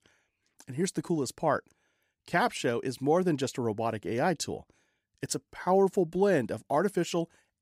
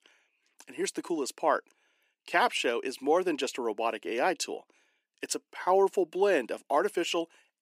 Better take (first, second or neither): first